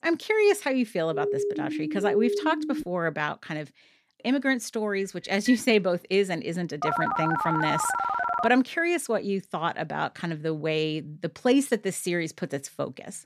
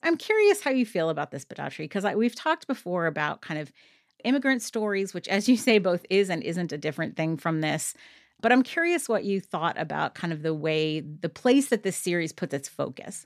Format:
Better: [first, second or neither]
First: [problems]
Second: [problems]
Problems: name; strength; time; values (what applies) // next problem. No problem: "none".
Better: second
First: siren; noticeable; from 1 to 3 s; peak 1 dB below the speech // phone ringing; noticeable; at 5 s; peak 9 dB below the speech // phone ringing; loud; from 7 to 8.5 s; peak 1 dB above the speech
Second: none